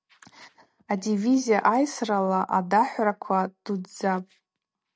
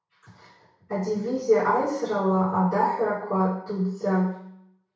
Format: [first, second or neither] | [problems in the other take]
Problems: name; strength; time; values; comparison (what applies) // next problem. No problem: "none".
first | room echo; dies away in 0.6 s